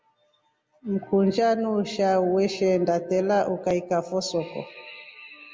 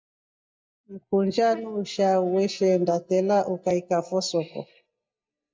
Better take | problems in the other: first | noise reduction (neural mask model DeepFilterNet 3)

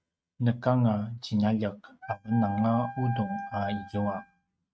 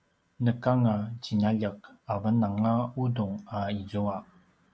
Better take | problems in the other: second | noise reduction (neural mask model RNNoise)

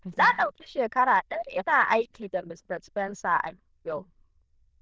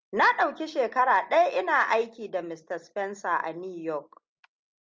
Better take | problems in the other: second | noise reduction (neural diffusion model UNIVERSE++)

